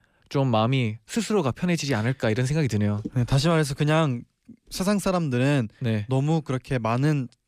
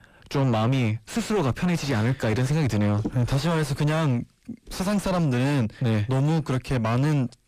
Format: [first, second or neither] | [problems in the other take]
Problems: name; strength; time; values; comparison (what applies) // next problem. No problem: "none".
first | distortion; heavy; 6 dB below the speech